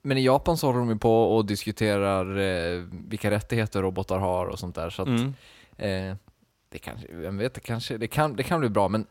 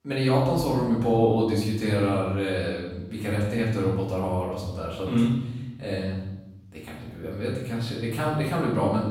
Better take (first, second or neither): first